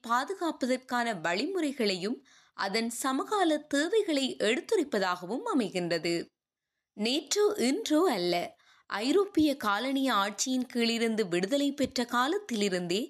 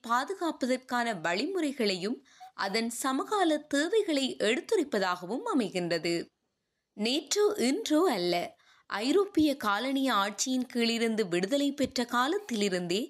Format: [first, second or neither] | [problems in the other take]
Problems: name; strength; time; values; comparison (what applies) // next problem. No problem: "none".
first | hiss; faint; throughout; 25 dB below the speech